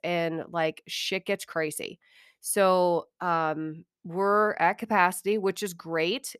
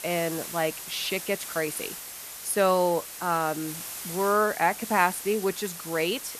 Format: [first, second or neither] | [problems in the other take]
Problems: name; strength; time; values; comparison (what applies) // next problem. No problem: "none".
first | hiss; loud; throughout; 9 dB below the speech